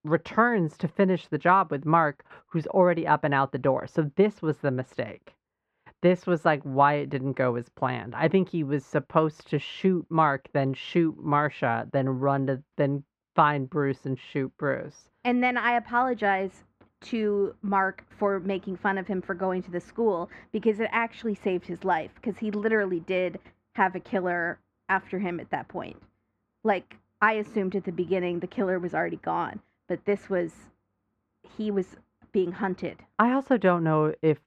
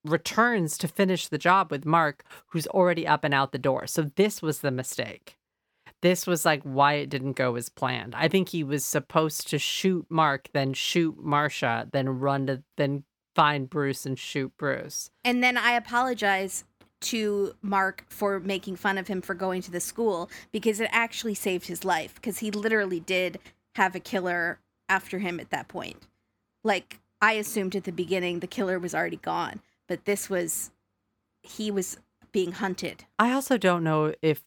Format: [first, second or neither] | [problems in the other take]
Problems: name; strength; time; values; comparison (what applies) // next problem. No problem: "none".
second | muffled; very; fading above 1.5 kHz